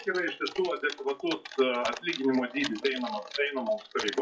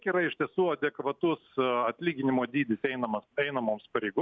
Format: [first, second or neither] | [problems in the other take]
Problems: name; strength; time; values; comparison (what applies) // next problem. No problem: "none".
second | noise reduction (classical method WPE with log-MMSE)